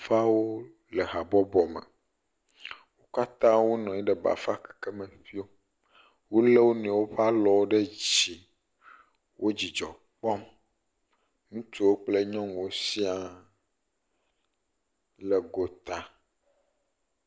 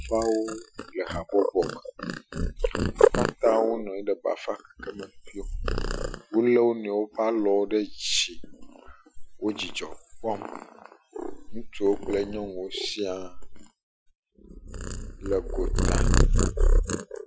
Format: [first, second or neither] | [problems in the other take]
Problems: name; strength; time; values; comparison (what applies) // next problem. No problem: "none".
first | noise reduction (classical method Wiener filter)